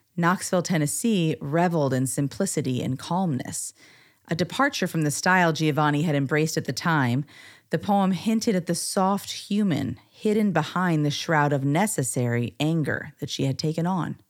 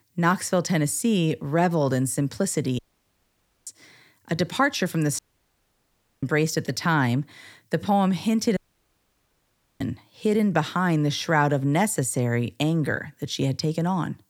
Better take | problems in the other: first | audio cutting out; at 3 s for 1 s, at 5 s for 1 s and at 8.5 s for 1 s

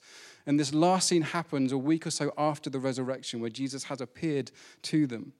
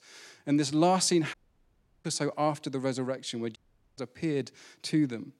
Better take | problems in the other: first | audio cutting out; at 1.5 s for 0.5 s and at 3.5 s

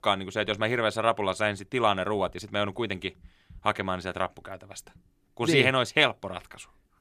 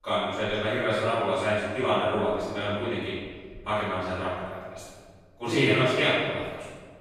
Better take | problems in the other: first | off-mic speech; far // room echo; strong; dies away in 1.3 s

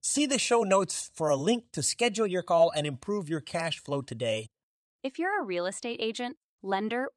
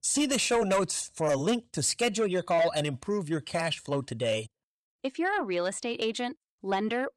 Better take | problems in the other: first | distortion; slight; 10 dB below the speech

